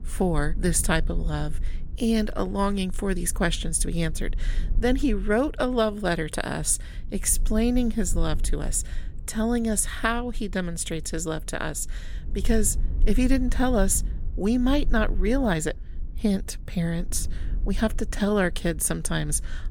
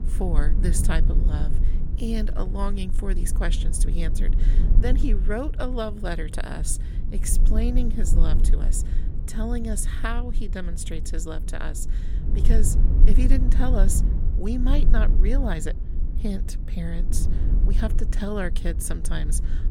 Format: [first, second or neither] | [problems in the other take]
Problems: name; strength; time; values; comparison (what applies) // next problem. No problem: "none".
first | low rumble; loud; throughout; 9 dB below the speech; faint in the first